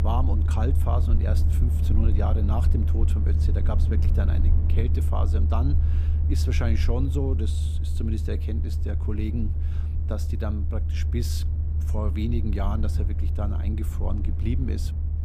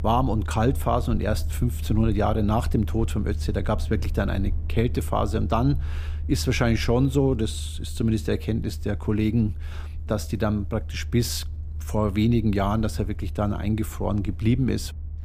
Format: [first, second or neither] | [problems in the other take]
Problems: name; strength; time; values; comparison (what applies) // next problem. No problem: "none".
second | low rumble; loud; throughout; 5 dB below the speech; faint in the second